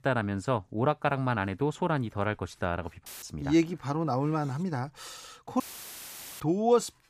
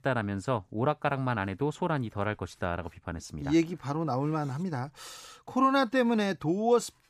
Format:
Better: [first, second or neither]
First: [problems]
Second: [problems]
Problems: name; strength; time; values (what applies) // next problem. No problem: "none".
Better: second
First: audio cutting out; filled with static; at 3 s and at 5.5 s for 1 s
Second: none